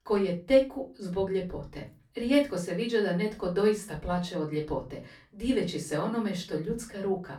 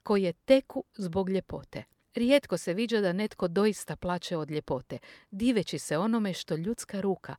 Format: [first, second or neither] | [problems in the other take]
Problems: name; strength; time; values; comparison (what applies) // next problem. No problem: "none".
second | off-mic speech; far // room echo; very slight; dies away in 0.3 s